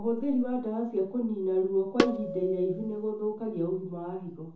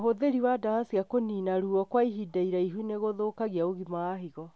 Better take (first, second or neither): second